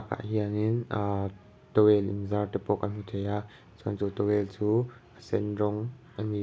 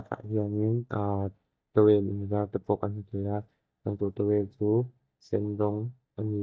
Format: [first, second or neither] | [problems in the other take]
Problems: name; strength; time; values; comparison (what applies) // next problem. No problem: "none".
first | noise reduction (neural mask model DeepFilterNet 3)